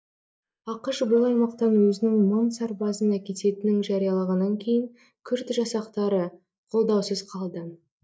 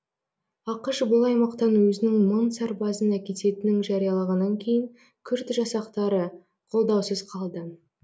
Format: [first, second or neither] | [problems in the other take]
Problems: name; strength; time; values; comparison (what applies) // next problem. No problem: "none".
second | noise reduction (neural mask model DeepFilterNet 3)